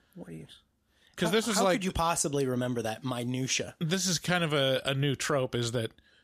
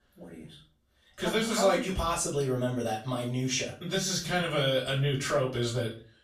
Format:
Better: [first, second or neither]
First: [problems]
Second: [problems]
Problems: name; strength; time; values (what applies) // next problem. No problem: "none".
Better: first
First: none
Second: off-mic speech; far // room echo; slight; dies away in 0.3 s